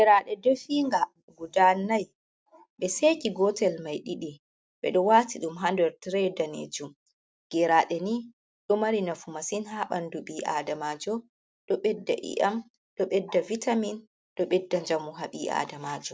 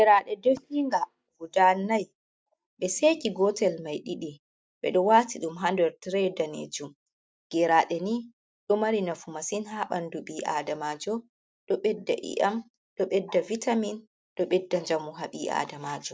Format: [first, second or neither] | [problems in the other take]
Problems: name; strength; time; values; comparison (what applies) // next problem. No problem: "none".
first | noise reduction (neural mask model DeepFilterNet 3)